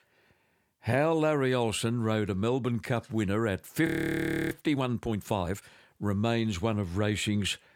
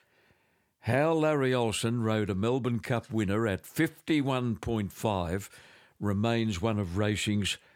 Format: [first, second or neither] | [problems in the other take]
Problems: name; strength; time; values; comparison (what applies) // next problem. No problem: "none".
second | audio freezing; at 4 s for 0.5 s